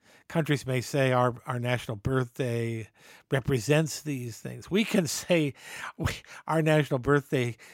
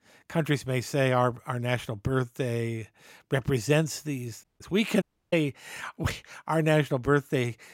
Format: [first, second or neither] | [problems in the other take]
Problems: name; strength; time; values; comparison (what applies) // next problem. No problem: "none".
first | audio cutting out; at 4.5 s and at 5 s